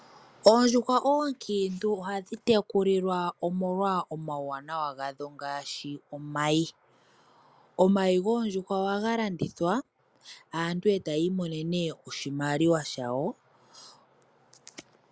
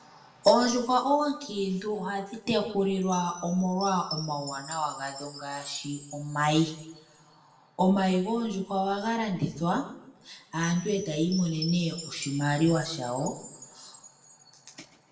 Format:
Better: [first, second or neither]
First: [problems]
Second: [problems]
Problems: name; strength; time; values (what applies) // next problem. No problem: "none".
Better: first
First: none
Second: background sound (Chime); 17 dB below the speech // room echo; dies away in 0.7 s